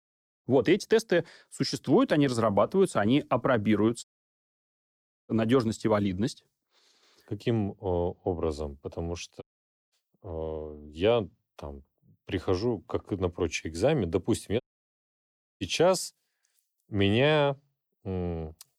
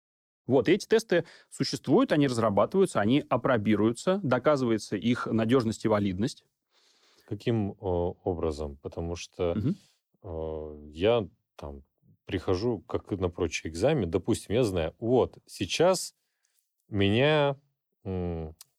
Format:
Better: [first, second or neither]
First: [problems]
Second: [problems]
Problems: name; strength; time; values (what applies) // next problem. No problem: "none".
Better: second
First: audio cutting out; at 4 s for 1.5 s, at 9.5 s and at 15 s for 1 s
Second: none